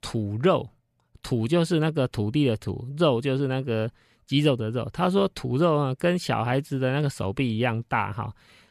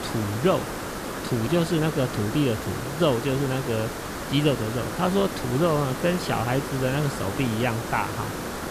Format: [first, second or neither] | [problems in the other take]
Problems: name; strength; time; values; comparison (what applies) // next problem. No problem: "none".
first | hiss; loud; throughout; 6 dB below the speech